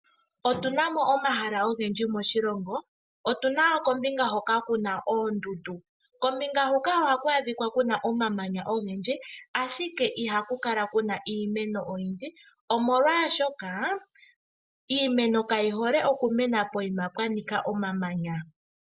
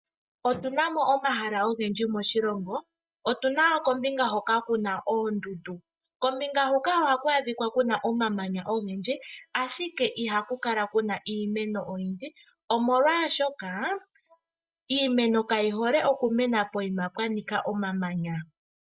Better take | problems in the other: first | noise reduction (neural mask model DeepFilterNet 3)

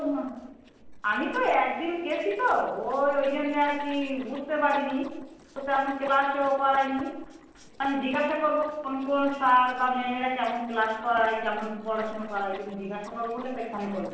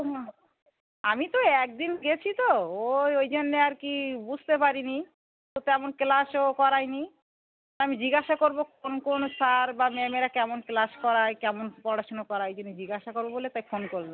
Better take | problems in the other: second | noise reduction (neural separator model SepFormer DNS4)

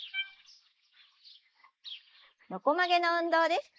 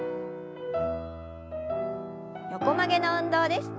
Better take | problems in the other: second | noise reduction (neural mask model Resemble Enhance denoiser)

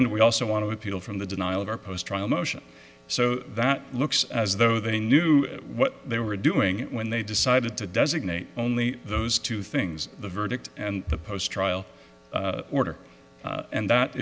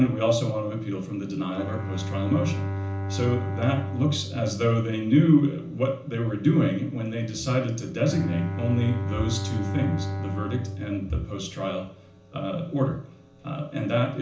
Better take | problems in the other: first | background sound (Bowed string instrument); 8 dB below the speech // room echo; dies away in 0.7 s

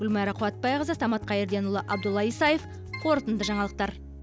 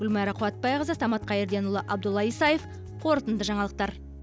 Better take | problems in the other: second | background sound (Keyboard (musical)); 14 dB below the speech

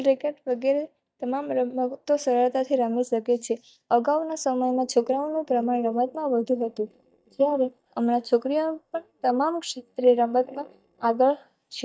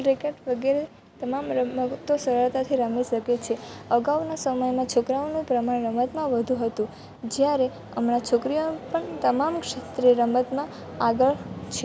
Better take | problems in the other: second | noise reduction (neural mask model DeepFilterNet 3)

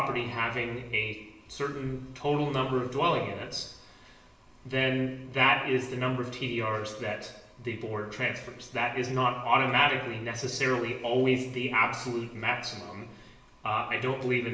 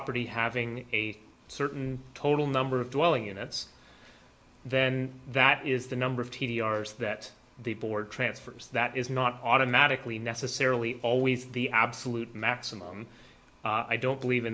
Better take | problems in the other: second | room echo; dies away in 0.8 s

